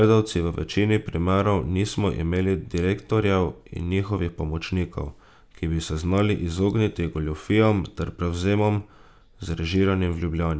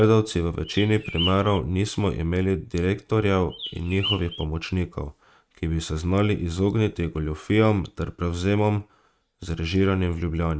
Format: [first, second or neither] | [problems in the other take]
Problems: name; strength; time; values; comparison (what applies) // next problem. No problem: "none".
first | noise reduction (neural mask model RNNoise)